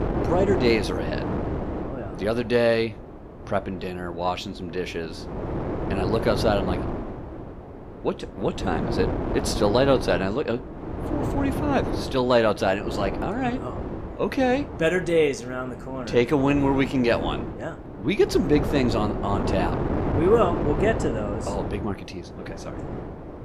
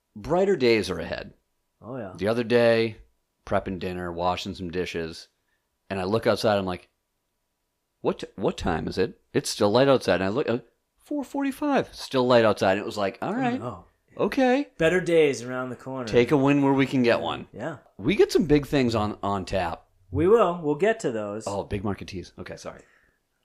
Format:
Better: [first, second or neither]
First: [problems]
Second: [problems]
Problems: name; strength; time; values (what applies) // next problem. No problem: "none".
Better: second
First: wind noise on the microphone; heavy; 8 dB below the speech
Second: none